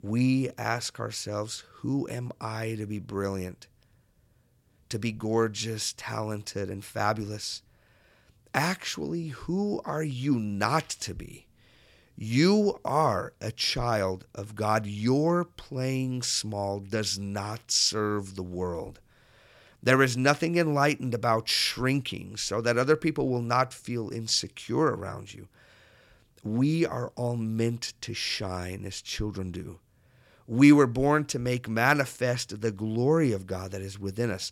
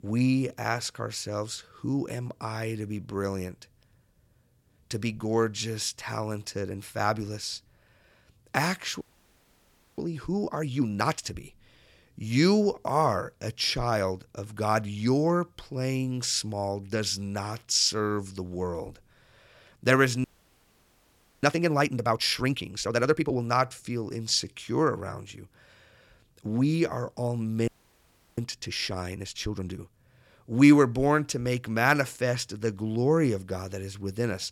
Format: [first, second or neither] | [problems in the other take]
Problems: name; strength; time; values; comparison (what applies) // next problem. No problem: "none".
first | audio freezing; at 9 s for 1 s, at 20 s for 1 s and at 28 s for 0.5 s